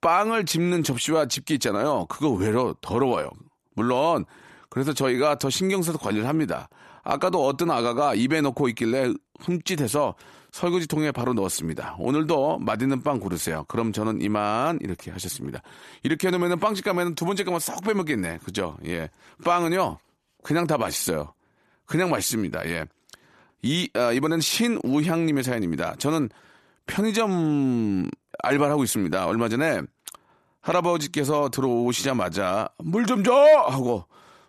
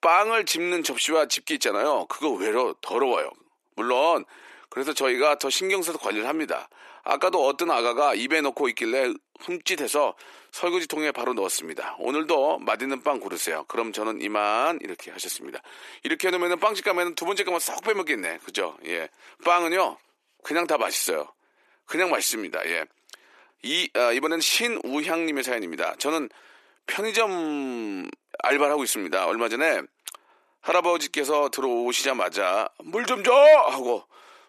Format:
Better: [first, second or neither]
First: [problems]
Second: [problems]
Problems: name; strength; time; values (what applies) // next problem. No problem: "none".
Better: first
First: none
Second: thin; somewhat; fading below 350 Hz